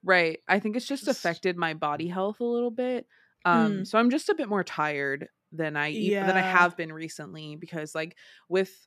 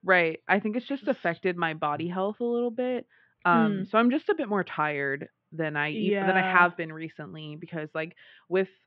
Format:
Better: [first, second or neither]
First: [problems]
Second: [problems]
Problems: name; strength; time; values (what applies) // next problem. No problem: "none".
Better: first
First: none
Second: muffled; very; fading above 3.5 kHz